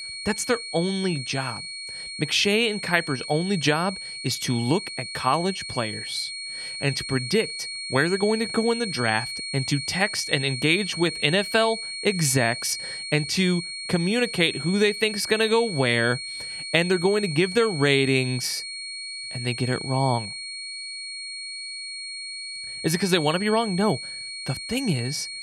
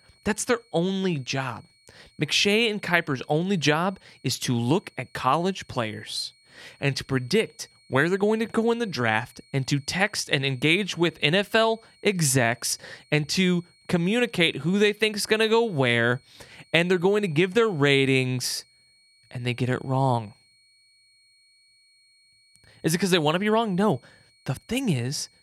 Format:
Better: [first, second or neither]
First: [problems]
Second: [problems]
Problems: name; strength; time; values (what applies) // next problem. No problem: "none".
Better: second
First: high-pitched whine; loud; throughout; 4.5 kHz, 7 dB below the speech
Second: high-pitched whine; faint; throughout; 4.5 kHz, 35 dB below the speech